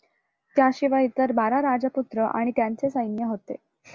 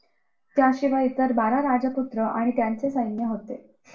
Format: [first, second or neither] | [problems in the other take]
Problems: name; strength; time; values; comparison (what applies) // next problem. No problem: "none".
first | room echo; dies away in 0.3 s